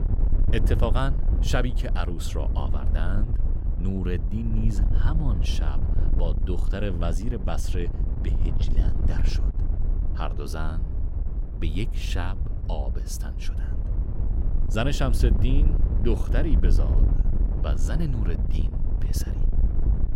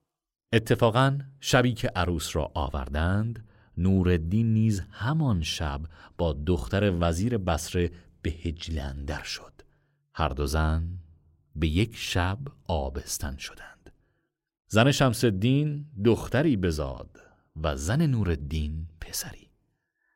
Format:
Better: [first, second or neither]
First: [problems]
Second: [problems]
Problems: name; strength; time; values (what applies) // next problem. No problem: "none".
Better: second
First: wind noise on the microphone; heavy; 7 dB below the speech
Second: none